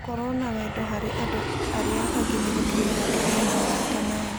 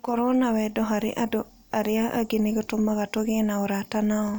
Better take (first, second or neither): second